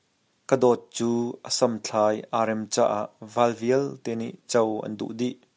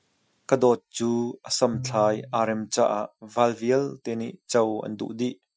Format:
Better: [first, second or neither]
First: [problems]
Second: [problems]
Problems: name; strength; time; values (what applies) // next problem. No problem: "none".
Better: first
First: none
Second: noise reduction (classical method Wiener filter)